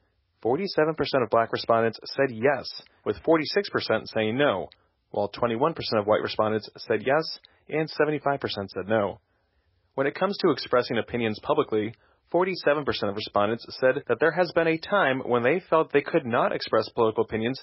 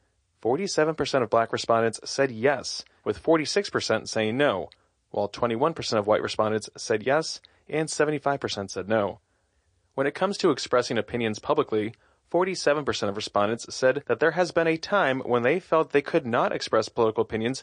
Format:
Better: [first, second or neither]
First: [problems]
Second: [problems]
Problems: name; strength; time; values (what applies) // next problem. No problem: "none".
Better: second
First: garbled, watery; badly; nothing above 5.5 kHz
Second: garbled, watery; slightly; nothing above 9 kHz